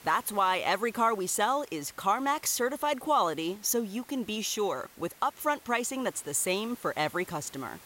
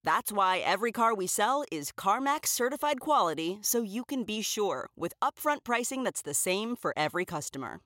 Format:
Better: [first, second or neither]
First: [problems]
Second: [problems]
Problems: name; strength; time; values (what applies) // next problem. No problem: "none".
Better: second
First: hiss; faint; throughout; 25 dB below the speech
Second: none